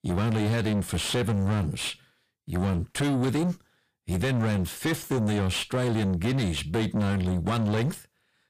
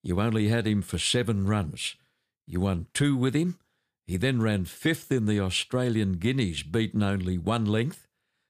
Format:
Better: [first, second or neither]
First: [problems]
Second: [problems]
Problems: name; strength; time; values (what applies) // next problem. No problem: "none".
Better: second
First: distortion; heavy; 7 dB below the speech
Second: none